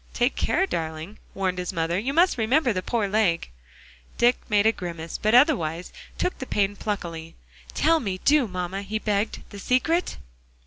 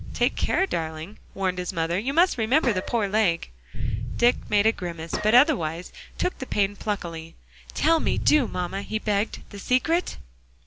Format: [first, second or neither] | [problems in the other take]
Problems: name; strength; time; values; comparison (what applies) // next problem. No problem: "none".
first | background sound (Gunshot, gunfire + Boom); 8 dB below the speech